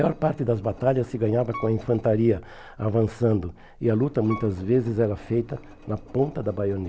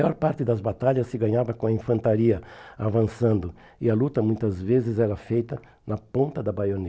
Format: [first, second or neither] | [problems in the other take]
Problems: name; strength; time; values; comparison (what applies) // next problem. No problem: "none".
second | background sound (Engine + Piano); 19 dB below the speech